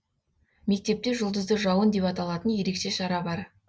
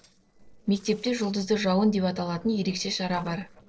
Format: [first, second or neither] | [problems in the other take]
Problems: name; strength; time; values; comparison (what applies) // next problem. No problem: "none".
first | noise reduction (neural separator model SepFormer DNS4)